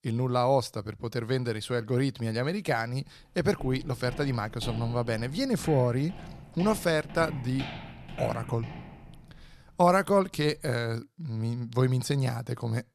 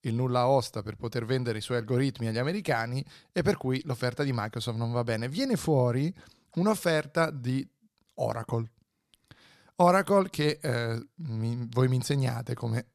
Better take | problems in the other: second | footsteps; noticeable; from 3.5 to 11 s; peak 10 dB below the speech

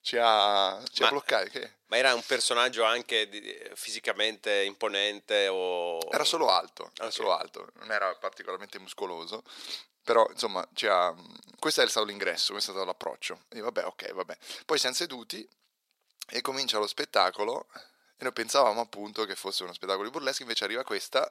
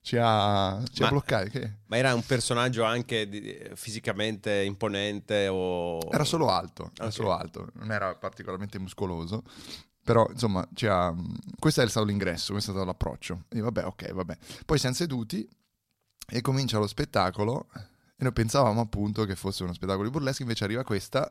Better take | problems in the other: second | thin; very; fading below 400 Hz

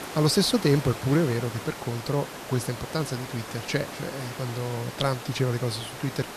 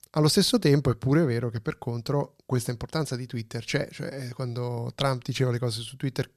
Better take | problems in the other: second | hiss; loud; throughout; 10 dB below the speech

